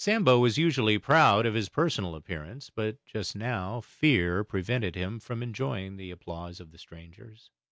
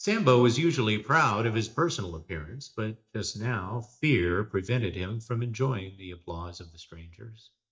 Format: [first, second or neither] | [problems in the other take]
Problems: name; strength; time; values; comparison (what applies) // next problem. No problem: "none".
first | noise reduction (neural mask model DeepFilterNet 3)